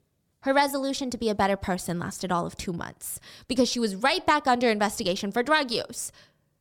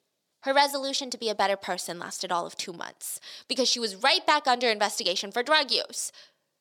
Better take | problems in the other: first | thin; somewhat; fading below 350 Hz

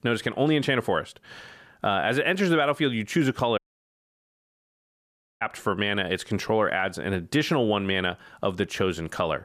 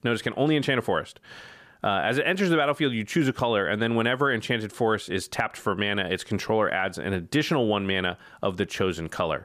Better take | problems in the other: second | audio cutting out; at 3.5 s for 2 s

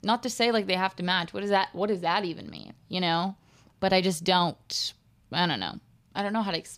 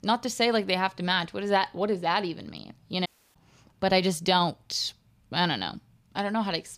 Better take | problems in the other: first | audio cutting out; at 3 s

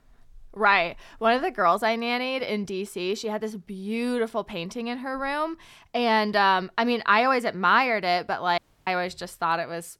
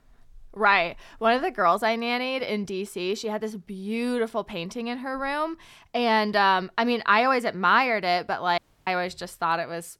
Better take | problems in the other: neither | audio cutting out; at 8.5 s; the same in both

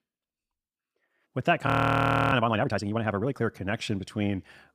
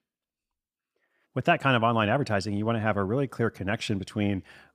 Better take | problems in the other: second | audio freezing; at 1.5 s for 0.5 s

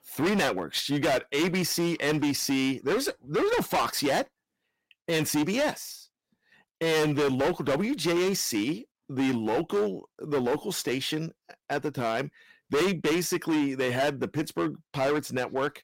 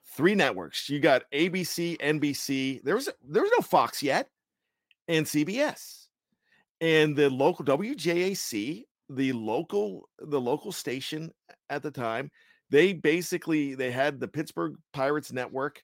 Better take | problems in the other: second | distortion; heavy; 16% of the sound clipped

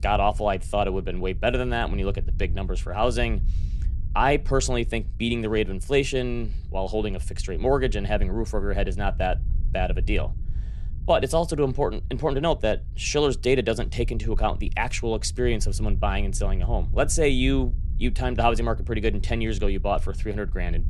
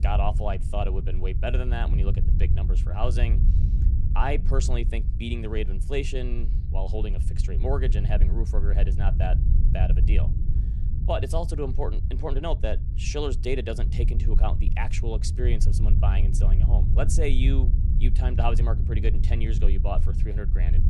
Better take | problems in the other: first | low rumble; loud; throughout; 9 dB below the speech; faint in the first

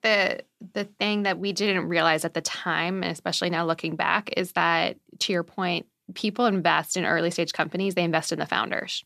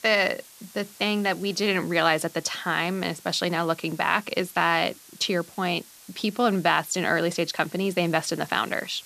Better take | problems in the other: first | hiss; faint; throughout; 20 dB below the speech

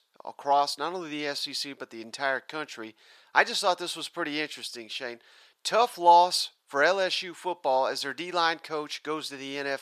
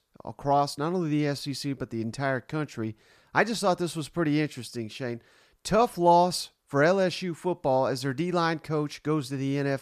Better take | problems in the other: second | thin; somewhat; fading below 500 Hz

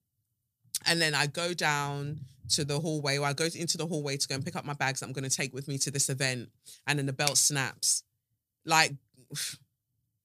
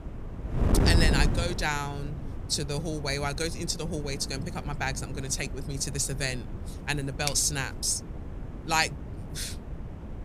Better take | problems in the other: first | wind noise on the microphone; occasional gusts; 10 dB below the speech

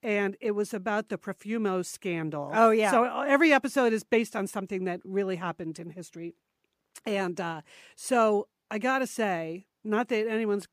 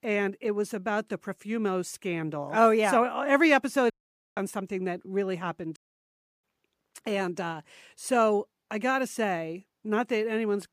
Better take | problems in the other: first | audio cutting out; at 4 s and at 6 s for 0.5 s

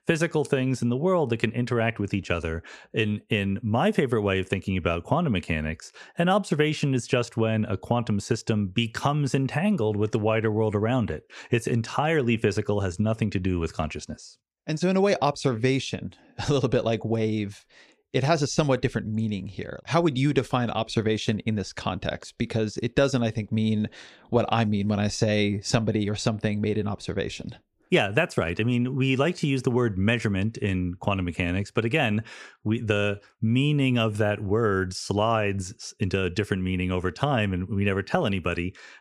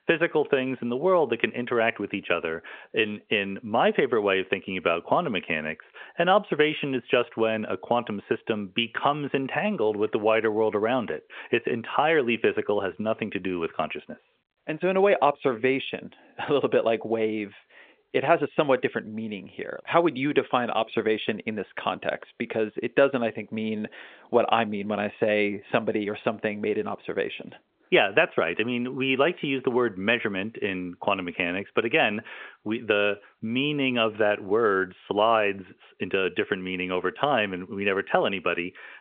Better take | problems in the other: first | phone-call audio; nothing above 3.5 kHz

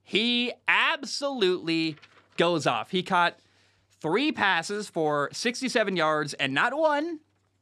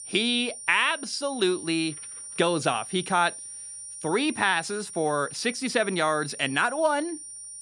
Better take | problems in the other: first | high-pitched whine; noticeable; throughout; 9 kHz, 10 dB below the speech

